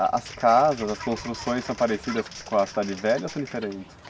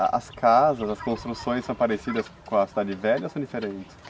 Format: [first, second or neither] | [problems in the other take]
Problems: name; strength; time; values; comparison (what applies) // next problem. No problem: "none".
second | background sound (Applause); 17 dB below the speech